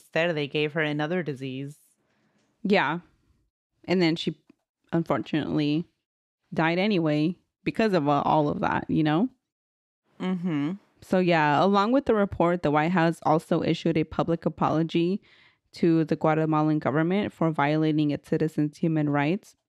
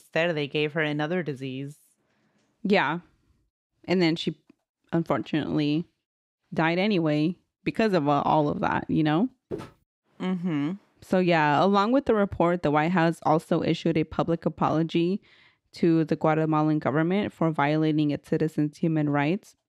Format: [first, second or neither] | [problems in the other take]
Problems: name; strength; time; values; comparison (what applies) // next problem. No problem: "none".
first | footsteps; faint; at 9.5 s; peak 15 dB below the speech